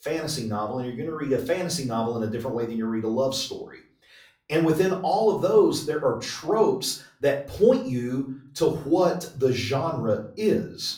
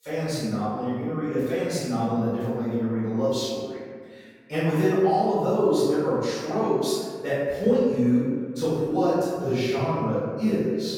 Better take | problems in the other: first | room echo; strong; dies away in 1.6 s; slight in the first // off-mic speech; far; far in the first

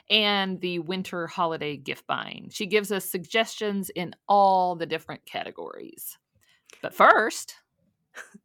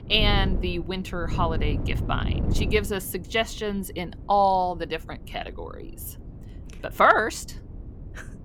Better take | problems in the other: first | wind noise on the microphone; occasional gusts; 20 dB below the speech

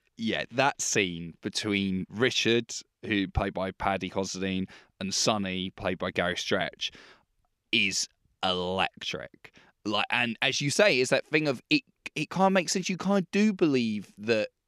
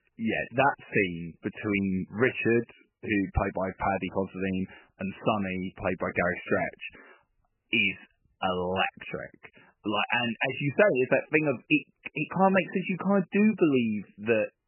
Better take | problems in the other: first | garbled, watery; badly; nothing above 3 kHz

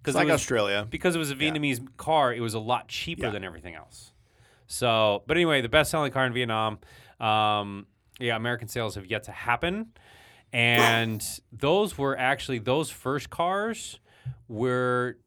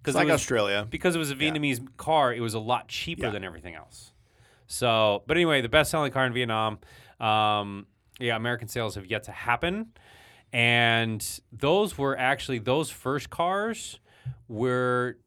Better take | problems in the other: second | dog barking; noticeable; at 11 s; peak 1 dB below the speech

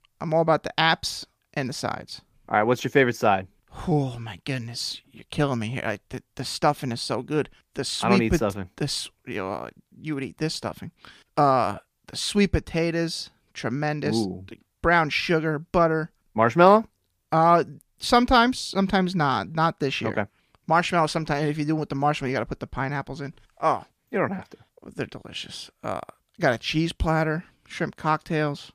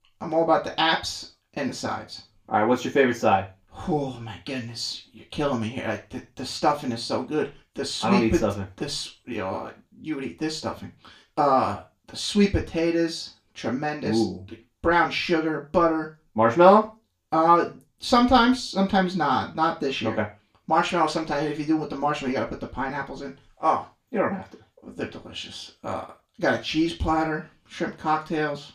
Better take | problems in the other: first | room echo; very slight; dies away in 0.3 s // off-mic speech; far

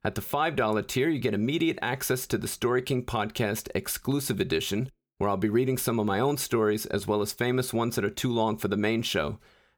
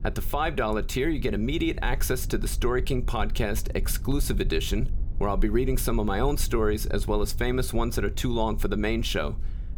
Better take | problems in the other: first | low rumble; faint; throughout; 20 dB below the speech

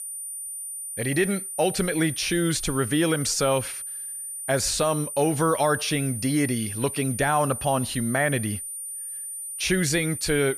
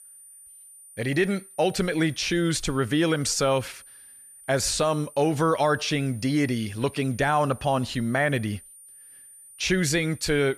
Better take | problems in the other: second | high-pitched whine; loud; throughout; 9.5 kHz, 7 dB below the speech; faint in the second

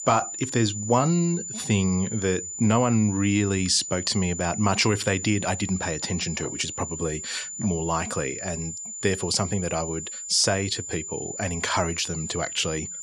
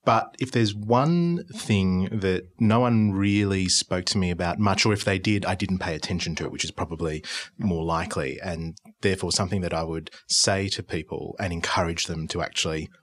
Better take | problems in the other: second | high-pitched whine; loud; throughout; 7 kHz, 7 dB below the speech

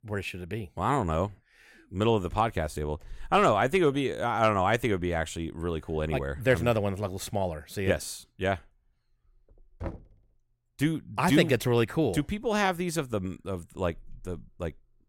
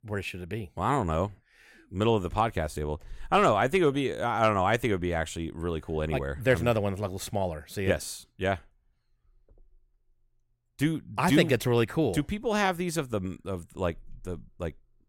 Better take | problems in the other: second | door banging; faint; at 10 s; peak 10 dB below the speech

